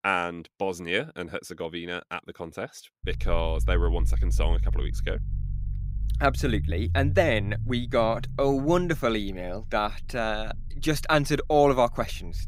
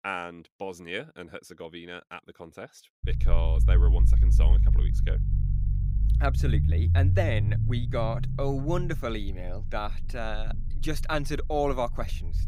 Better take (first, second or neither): first